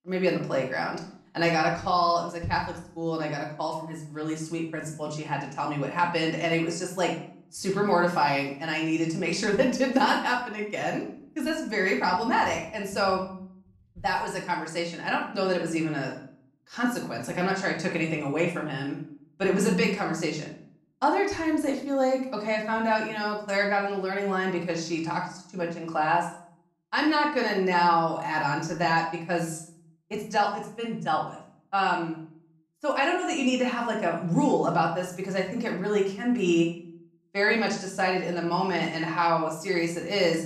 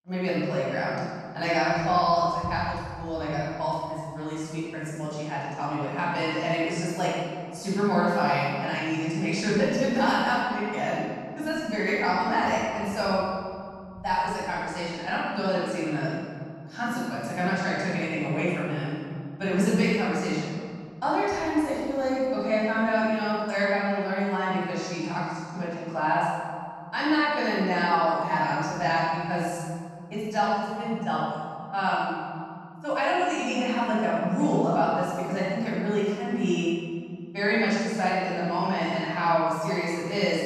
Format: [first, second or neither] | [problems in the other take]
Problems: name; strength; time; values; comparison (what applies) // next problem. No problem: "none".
first | room echo; strong; dies away in 2.5 s; slight in the first // off-mic speech; far; far in the first